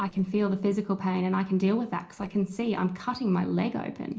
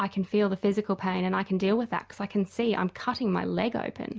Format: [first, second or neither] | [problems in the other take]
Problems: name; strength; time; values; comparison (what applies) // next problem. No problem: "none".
second | noise reduction (neural separator model SepFormer DNS4)